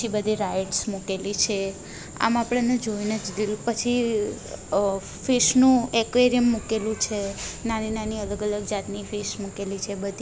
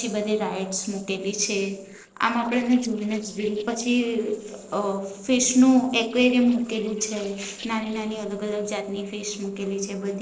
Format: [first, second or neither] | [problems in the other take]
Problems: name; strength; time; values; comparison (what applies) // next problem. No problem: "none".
first | noise reduction (neural separator model SepFormer DNS4)